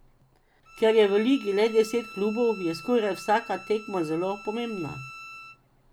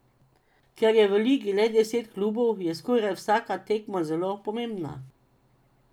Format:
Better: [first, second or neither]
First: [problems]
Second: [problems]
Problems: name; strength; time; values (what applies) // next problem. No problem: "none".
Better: second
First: background sound (Bowed string instrument); 18 dB below the speech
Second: none